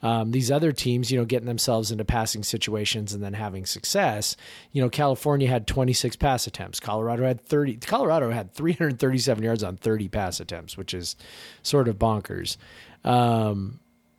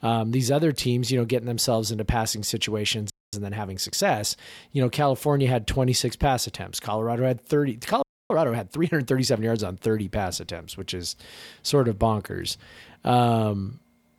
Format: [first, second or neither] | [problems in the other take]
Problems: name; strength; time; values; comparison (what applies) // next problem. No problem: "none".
first | audio freezing; at 3 s and at 8 s